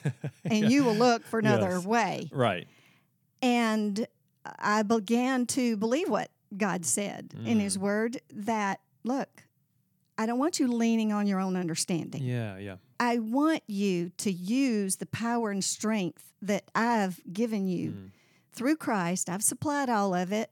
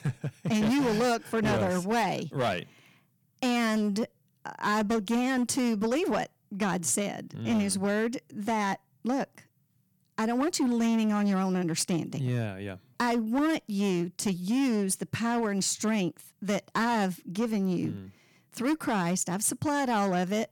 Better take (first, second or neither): first